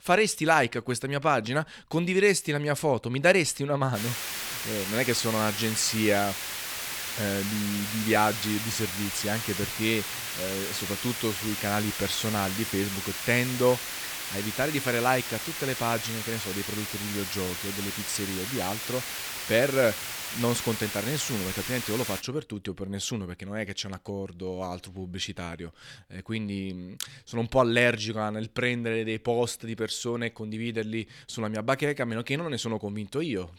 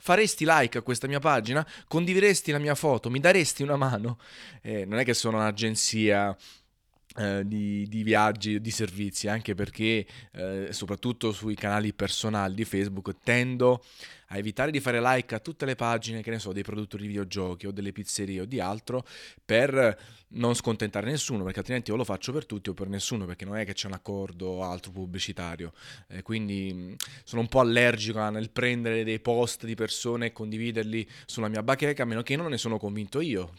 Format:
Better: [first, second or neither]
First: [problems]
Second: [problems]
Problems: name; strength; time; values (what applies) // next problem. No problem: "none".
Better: second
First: hiss; loud; from 4 to 22 s; 3 dB below the speech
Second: none